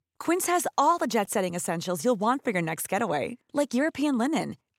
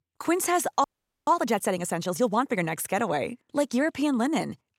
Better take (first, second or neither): first